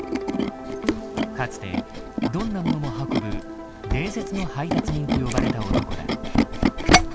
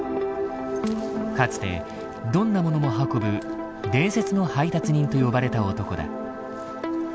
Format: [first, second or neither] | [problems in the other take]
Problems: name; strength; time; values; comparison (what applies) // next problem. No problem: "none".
second | background sound (Tools); 5 dB above the speech